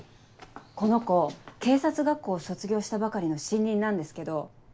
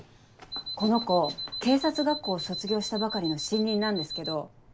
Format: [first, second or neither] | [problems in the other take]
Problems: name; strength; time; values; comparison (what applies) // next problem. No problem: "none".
first | background sound (Alarm); 8 dB below the speech